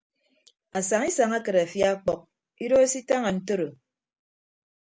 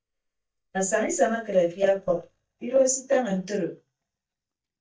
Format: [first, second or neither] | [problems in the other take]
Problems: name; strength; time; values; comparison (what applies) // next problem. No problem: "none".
first | noise reduction (neural mask model DeepFilterNet 3)